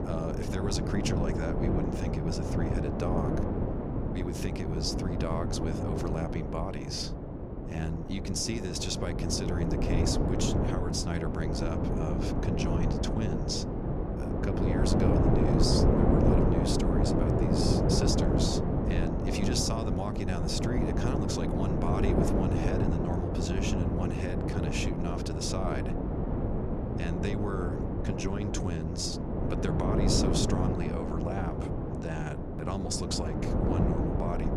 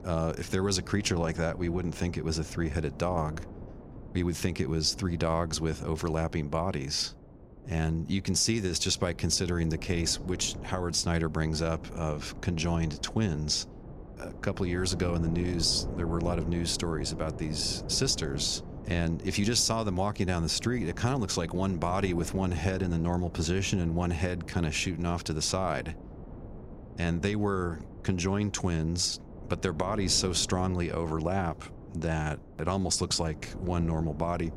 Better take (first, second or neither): second